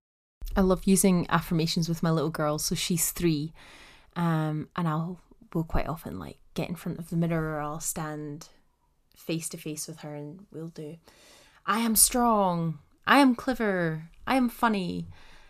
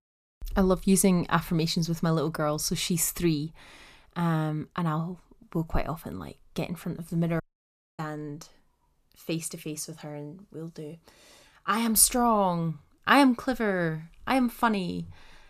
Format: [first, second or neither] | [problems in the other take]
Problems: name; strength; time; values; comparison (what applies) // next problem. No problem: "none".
first | audio cutting out; at 7.5 s for 0.5 s